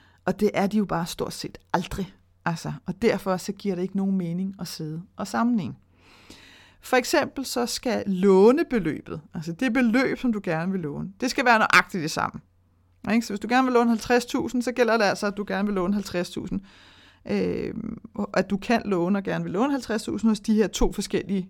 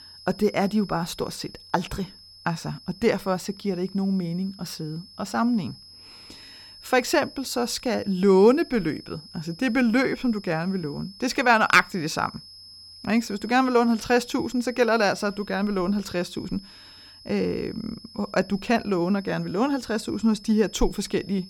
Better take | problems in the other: first | high-pitched whine; noticeable; throughout; 5 kHz, 20 dB below the speech

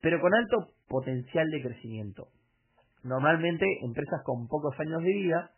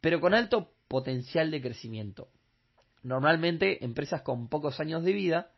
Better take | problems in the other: second | garbled, watery; badly; nothing above 3 kHz; slightly in the second

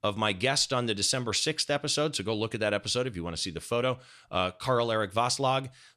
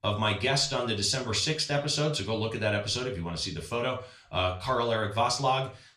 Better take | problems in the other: first | room echo; very slight; dies away in 0.3 s // off-mic speech; somewhat distant

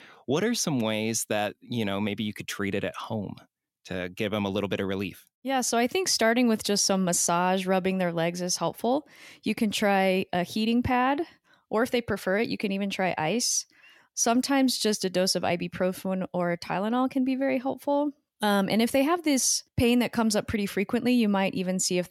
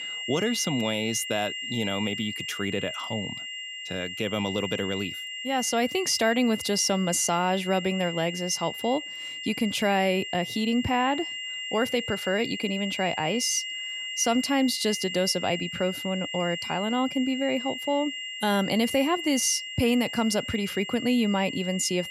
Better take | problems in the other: first | high-pitched whine; loud; throughout; 3 kHz, 6 dB below the speech

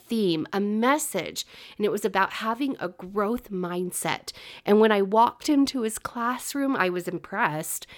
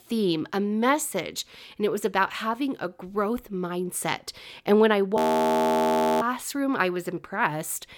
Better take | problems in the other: first | audio freezing; at 5 s for 1 s

